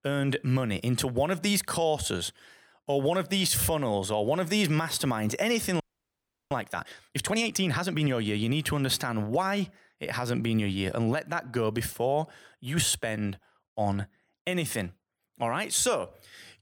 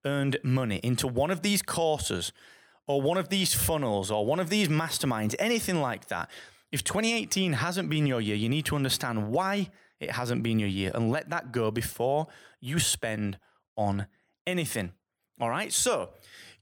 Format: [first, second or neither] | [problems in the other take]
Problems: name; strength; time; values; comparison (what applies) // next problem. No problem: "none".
second | audio freezing; at 6 s for 0.5 s